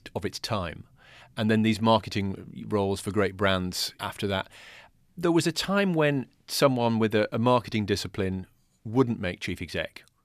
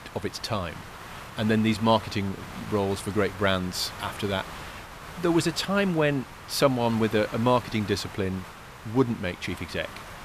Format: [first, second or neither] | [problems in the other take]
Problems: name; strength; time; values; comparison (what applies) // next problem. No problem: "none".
first | hiss; noticeable; throughout; 15 dB below the speech